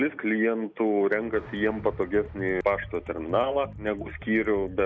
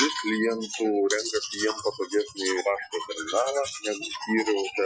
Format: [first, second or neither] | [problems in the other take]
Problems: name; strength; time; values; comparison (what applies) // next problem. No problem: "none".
first | noise reduction (classical method Wiener filter)